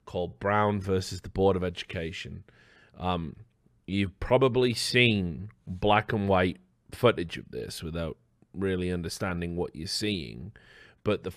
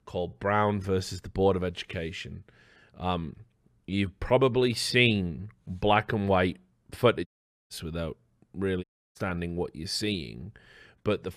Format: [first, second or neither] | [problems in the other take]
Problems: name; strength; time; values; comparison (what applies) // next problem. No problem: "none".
first | audio cutting out; at 7.5 s and at 9 s